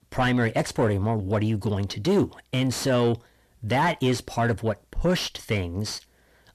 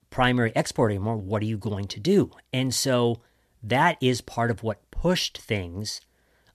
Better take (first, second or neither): second